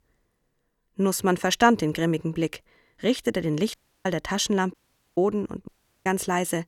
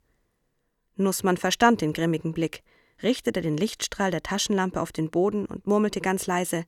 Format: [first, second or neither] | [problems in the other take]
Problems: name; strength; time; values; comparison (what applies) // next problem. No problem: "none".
second | audio cutting out; at 3.5 s, at 4.5 s and at 5.5 s